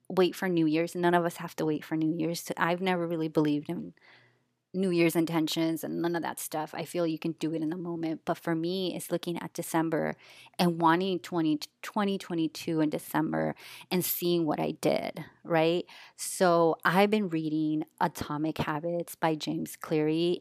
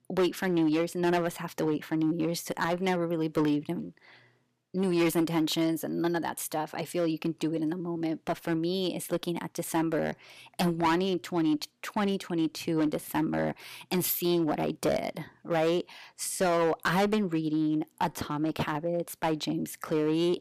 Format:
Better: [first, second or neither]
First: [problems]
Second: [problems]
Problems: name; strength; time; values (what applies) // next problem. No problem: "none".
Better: first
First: none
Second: distortion; slight; 5% of the sound clipped